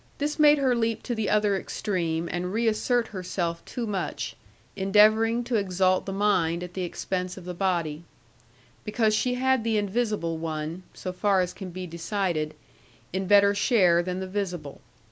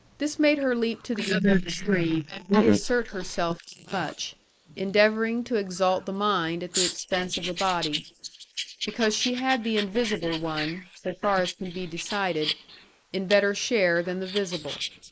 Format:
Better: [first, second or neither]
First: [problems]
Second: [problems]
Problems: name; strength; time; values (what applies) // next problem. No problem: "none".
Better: first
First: none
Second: noise reduction (neural mask model Resemble Enhance denoiser)